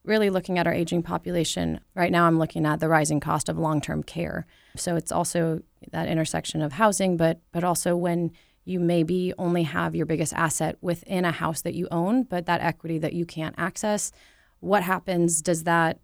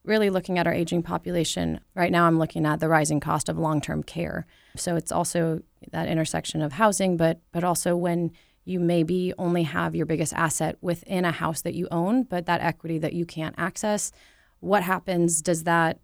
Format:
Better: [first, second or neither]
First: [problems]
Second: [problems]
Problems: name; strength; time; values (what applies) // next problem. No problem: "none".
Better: neither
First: none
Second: none